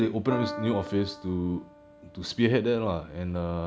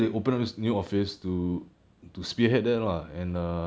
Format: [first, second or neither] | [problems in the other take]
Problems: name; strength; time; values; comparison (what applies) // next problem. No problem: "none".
second | background sound (Piano); 12 dB below the speech